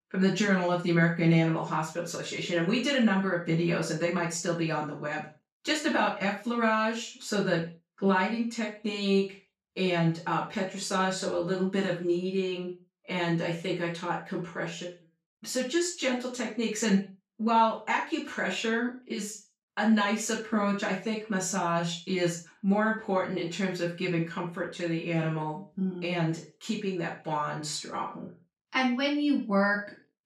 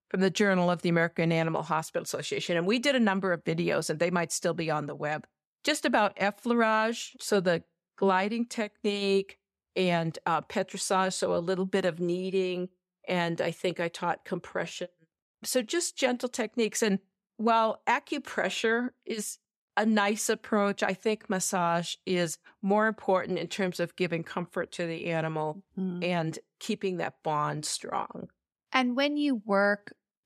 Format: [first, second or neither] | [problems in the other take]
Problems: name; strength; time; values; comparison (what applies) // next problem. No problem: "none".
second | room echo; noticeable; dies away in 0.3 s // off-mic speech; far